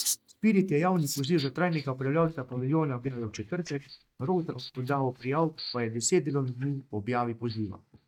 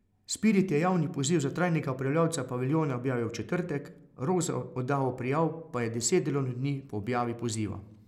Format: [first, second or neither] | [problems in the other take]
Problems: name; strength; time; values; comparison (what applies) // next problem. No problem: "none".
second | noise reduction (neural mask model DeepFilterNet 3)